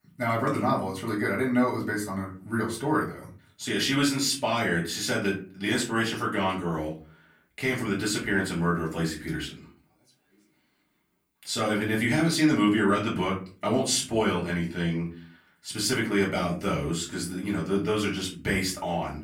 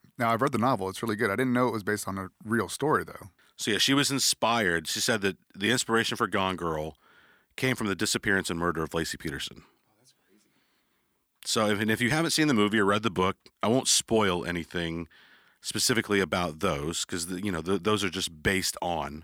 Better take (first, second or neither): second